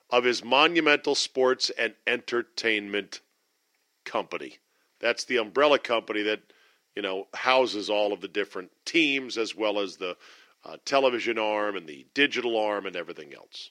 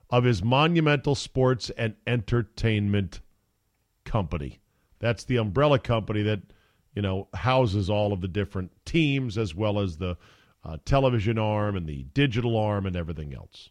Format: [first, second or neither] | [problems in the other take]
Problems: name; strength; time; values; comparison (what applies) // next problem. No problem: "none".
second | thin; somewhat; fading below 350 Hz